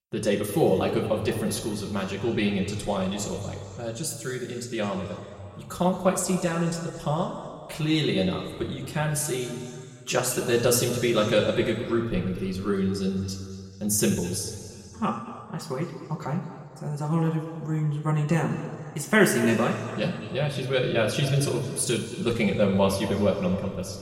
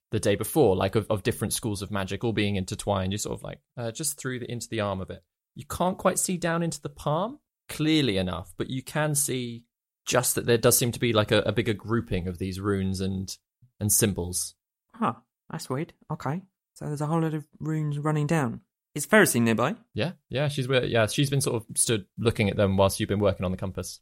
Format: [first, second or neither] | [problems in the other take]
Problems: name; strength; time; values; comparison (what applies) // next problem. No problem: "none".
second | room echo; slight; dies away in 2.2 s // off-mic speech; somewhat distant